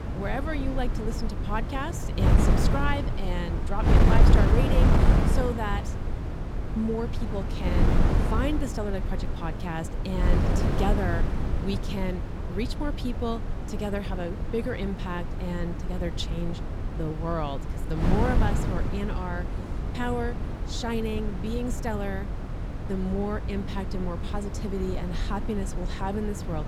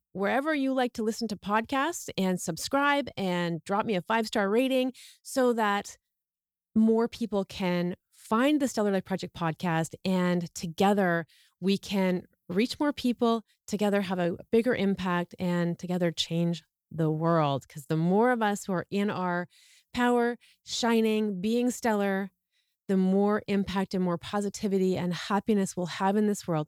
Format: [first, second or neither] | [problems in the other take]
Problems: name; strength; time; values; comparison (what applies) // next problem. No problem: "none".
second | wind noise on the microphone; heavy; 2 dB below the speech